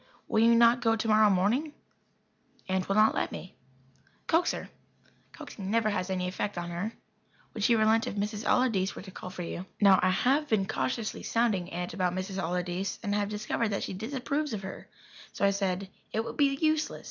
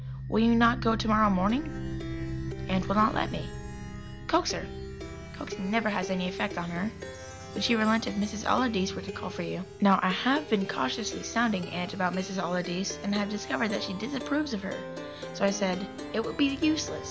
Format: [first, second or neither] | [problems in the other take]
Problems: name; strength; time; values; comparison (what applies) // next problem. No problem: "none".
first | background sound (Plucked string instrument); 9 dB below the speech